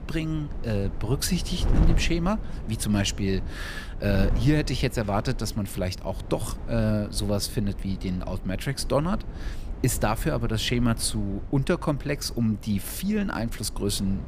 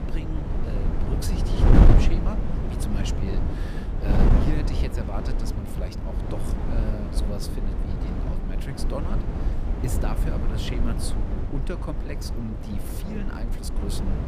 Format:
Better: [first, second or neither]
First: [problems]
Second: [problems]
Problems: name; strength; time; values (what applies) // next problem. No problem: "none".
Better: first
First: wind noise on the microphone; occasional gusts; 15 dB below the speech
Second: wind noise on the microphone; heavy; 3 dB above the speech